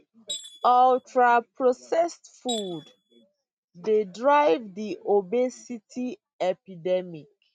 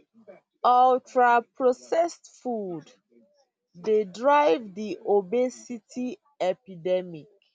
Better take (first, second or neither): second